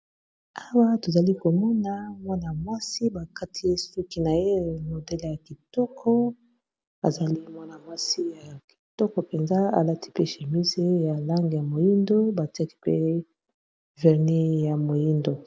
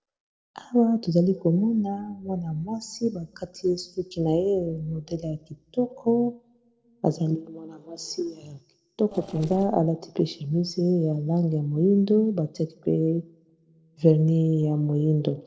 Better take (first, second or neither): first